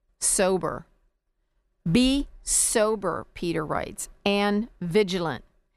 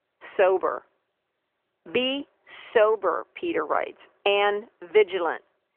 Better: first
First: none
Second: phone-call audio; nothing above 3 kHz

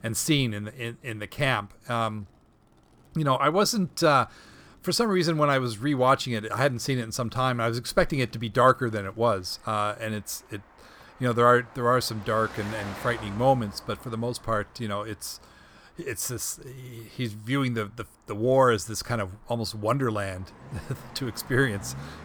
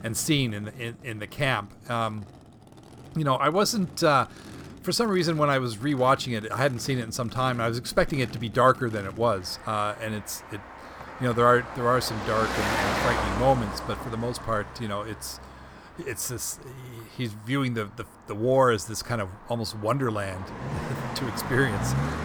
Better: first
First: traffic noise; faint; throughout; 20 dB below the speech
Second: traffic noise; loud; throughout; 8 dB below the speech

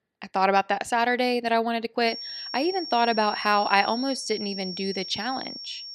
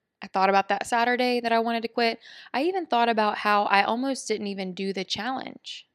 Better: second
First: high-pitched whine; loud; from 2 s on; 5.5 kHz, 9 dB below the speech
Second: none

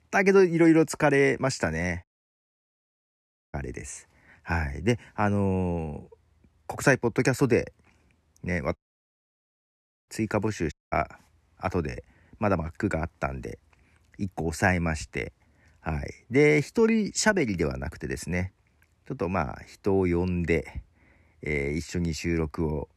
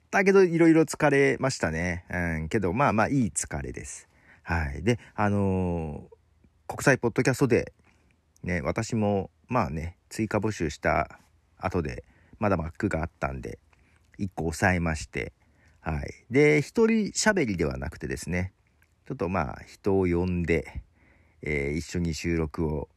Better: second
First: audio cutting out; at 2 s for 1.5 s, at 9 s for 1.5 s and at 11 s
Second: none

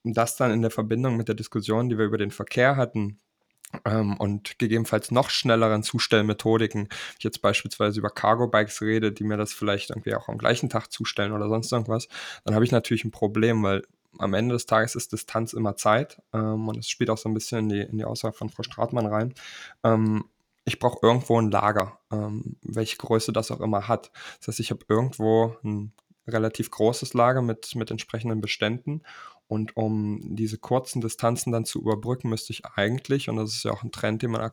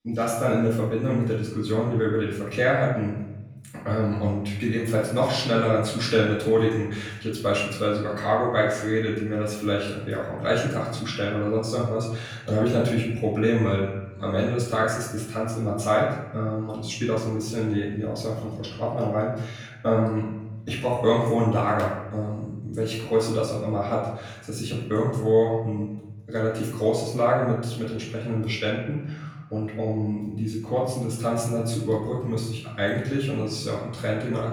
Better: first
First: none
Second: off-mic speech; far // room echo; noticeable; dies away in 1 s

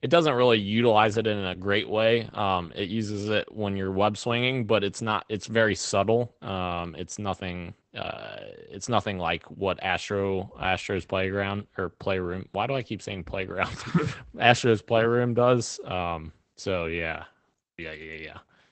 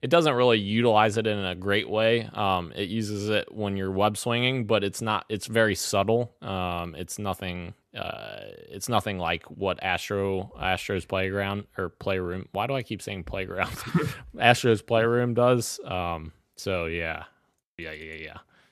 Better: second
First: garbled, watery; badly; nothing above 8 kHz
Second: none

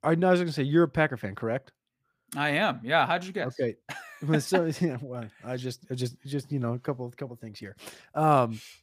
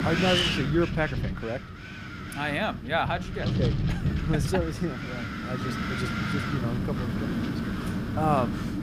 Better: first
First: none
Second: wind noise on the microphone; heavy; 2 dB below the speech

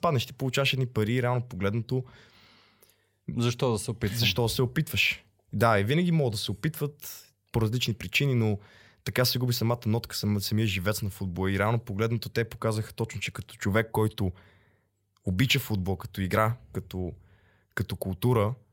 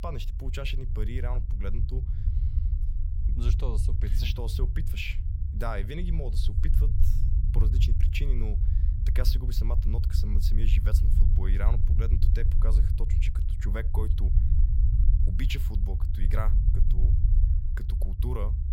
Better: first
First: none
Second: low rumble; loud; throughout; 6 dB below the speech

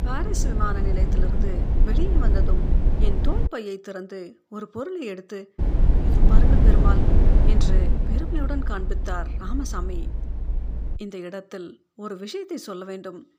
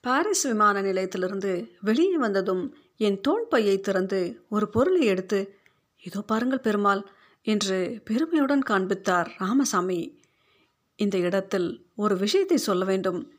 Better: second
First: low rumble; loud; until 3.5 s and from 5.5 to 11 s; 1 dB below the speech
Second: none

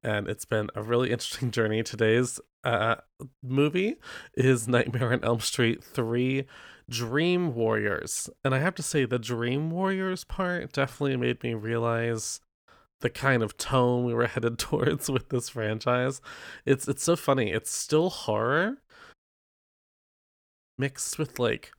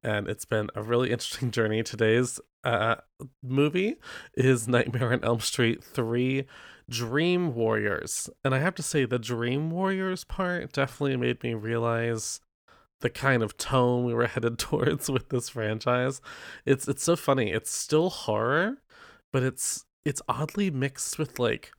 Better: second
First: audio cutting out; at 19 s for 1.5 s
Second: none

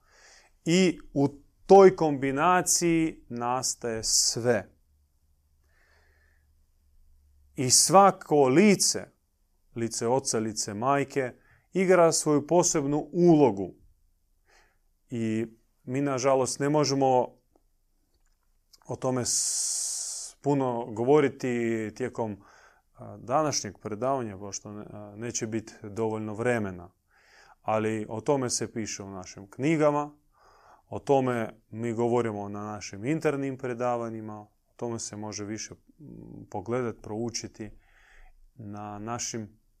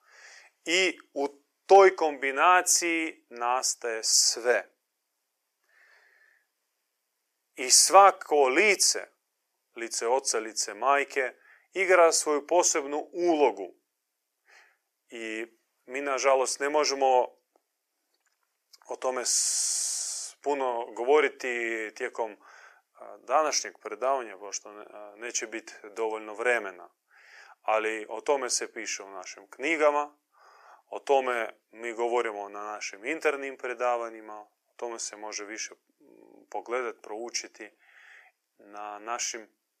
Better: first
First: none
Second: thin; very; fading below 400 Hz

